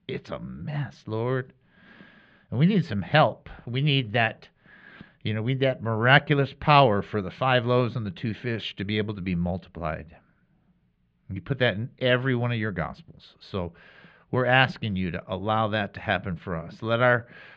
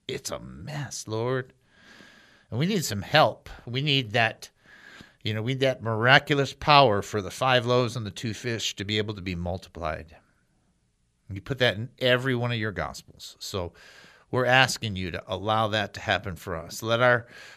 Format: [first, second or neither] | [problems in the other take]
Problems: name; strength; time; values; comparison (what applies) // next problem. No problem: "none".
second | muffled; slightly; fading above 3 kHz